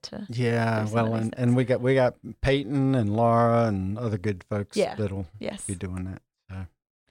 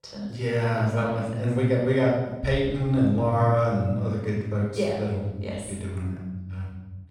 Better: first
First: none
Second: off-mic speech; far // room echo; noticeable; dies away in 1.2 s

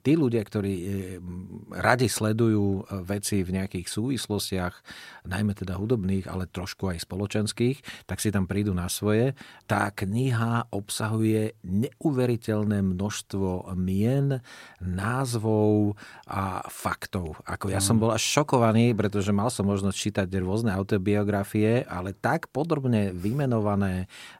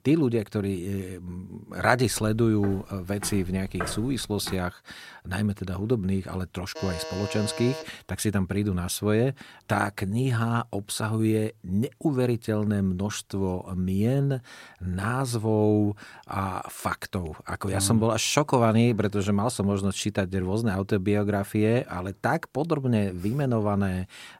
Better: first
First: none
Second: footsteps; noticeable; from 2 to 4.5 s; peak 8 dB below the speech // alarm; noticeable; from 7 to 8 s; peak 9 dB below the speech

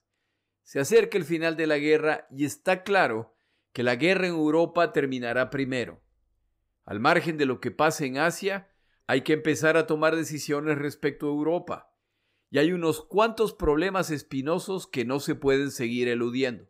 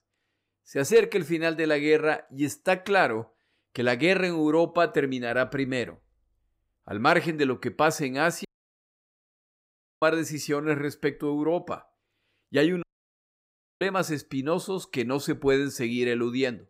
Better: first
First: none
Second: audio cutting out; at 8.5 s for 1.5 s and at 13 s for 1 s

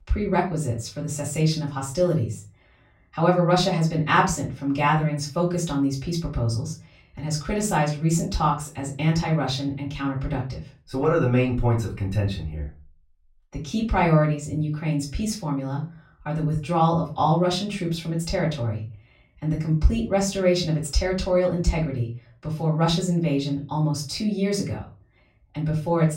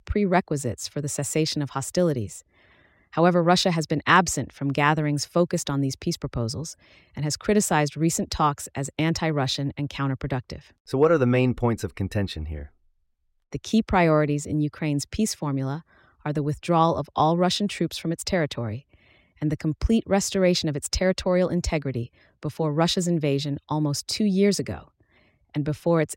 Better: second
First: off-mic speech; far // room echo; slight; dies away in 0.3 s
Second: none

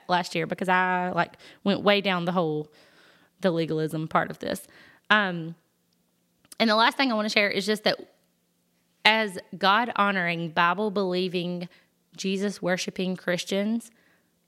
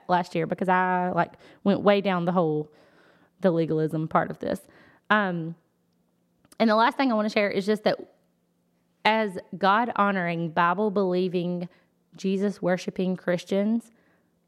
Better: first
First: none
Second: muffled; slightly; fading above 1.5 kHz

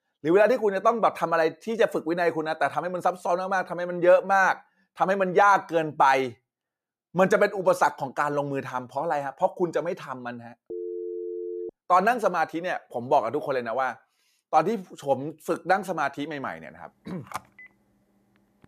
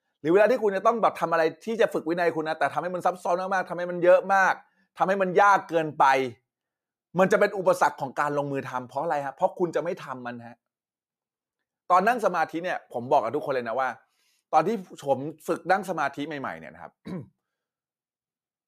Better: second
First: phone ringing; noticeable; from 11 to 12 s; peak 9 dB below the speech // phone ringing; faint; from 17 s on; peak 15 dB below the speech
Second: none

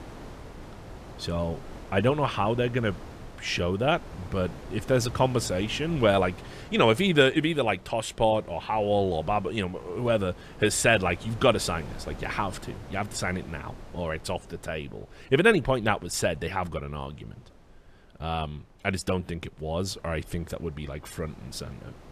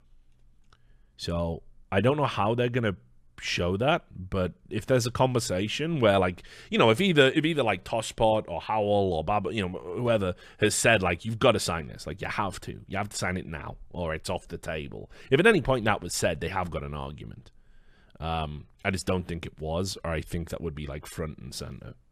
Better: second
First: wind noise on the microphone; occasional gusts; 20 dB below the speech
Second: none

